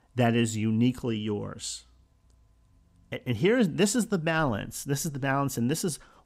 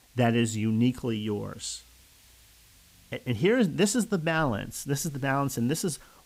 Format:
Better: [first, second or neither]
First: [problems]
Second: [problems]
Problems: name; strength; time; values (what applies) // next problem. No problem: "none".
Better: first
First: none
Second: hiss; faint; throughout; 30 dB below the speech